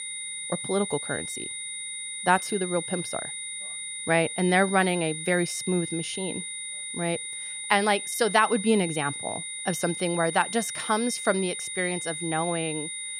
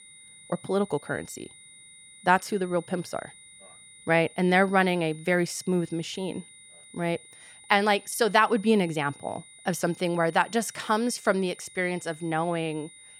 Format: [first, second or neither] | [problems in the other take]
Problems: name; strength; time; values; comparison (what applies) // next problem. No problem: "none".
second | high-pitched whine; loud; throughout; 9.5 kHz, 6 dB below the speech; faint in the second